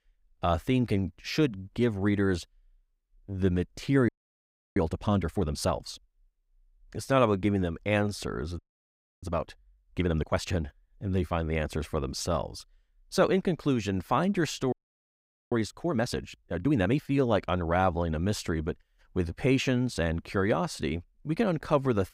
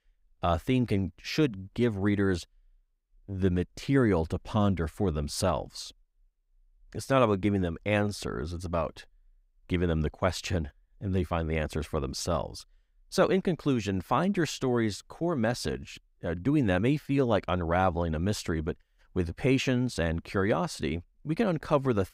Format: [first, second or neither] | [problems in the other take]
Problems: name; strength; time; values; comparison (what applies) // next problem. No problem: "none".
second | audio freezing; at 4 s for 0.5 s, at 8.5 s for 0.5 s and at 15 s for 1 s